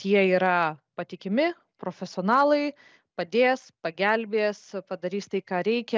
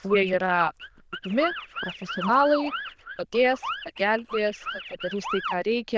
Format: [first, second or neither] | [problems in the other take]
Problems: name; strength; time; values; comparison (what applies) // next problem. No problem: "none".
first | noise reduction (neural diffusion model UNIVERSE++)